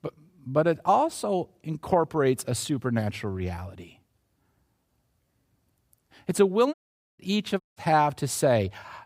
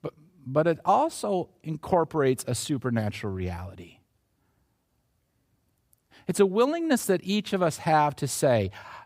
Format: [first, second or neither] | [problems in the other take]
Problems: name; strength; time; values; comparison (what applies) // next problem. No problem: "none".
second | audio cutting out; at 6.5 s and at 7.5 s